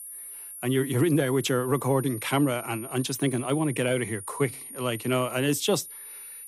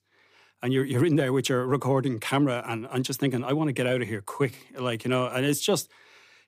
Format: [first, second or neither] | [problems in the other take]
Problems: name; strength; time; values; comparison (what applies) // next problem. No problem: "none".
second | high-pitched whine; noticeable; throughout; 9.5 kHz, 10 dB below the speech